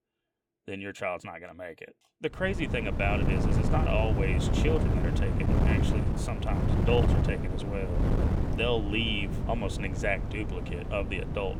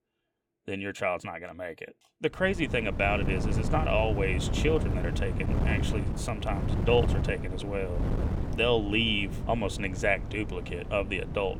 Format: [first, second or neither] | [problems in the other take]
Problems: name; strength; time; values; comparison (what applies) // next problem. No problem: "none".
second | wind noise on the microphone; heavy; from 2.5 s on; 4 dB below the speech; occasional gusts in the second